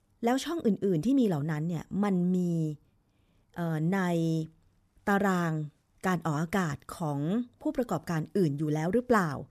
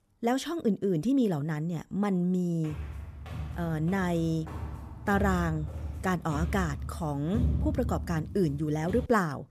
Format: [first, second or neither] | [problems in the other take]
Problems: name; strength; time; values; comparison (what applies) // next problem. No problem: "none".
first | footsteps; loud; from 2.5 s on; peak 1 dB above the speech